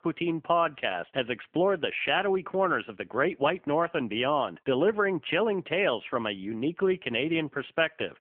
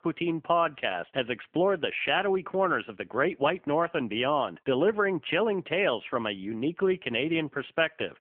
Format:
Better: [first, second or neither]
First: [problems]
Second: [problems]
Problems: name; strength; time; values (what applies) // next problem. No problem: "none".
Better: neither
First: phone-call audio; nothing above 3 kHz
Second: phone-call audio; nothing above 3 kHz